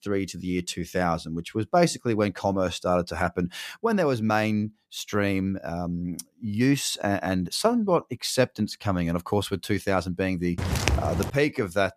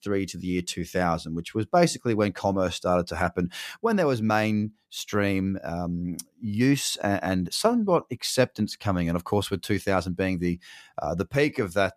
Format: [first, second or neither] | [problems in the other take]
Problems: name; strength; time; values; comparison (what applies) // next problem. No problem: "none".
second | footsteps; loud; at 11 s; peak 1 dB above the speech